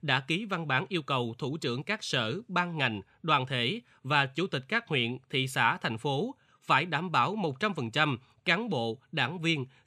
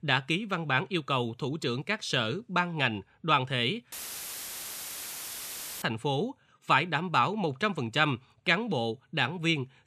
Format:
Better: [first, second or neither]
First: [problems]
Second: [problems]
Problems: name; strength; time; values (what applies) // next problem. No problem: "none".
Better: first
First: none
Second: audio cutting out; filled with static; at 4 s for 2 s